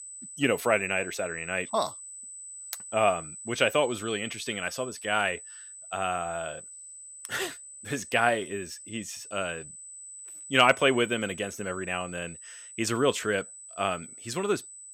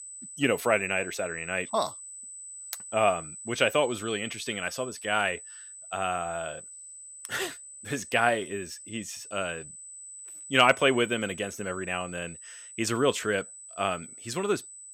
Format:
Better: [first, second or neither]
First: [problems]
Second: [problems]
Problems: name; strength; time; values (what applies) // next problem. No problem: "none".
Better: neither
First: high-pitched whine; noticeable; throughout; 8 kHz, 15 dB below the speech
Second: high-pitched whine; noticeable; throughout; 8 kHz, 15 dB below the speech